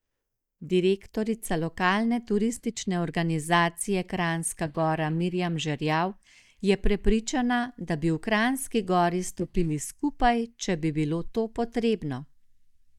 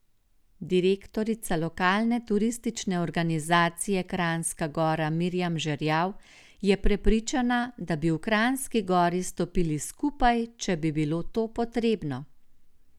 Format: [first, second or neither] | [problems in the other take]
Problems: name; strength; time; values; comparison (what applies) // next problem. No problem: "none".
second | noise reduction (neural mask model DeepFilterNet 3)